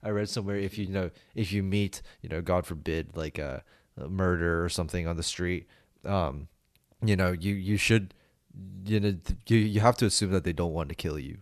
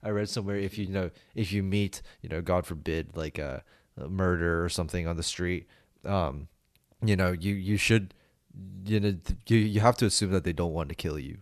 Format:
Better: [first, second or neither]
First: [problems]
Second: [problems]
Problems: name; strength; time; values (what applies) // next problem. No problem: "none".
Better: neither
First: none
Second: none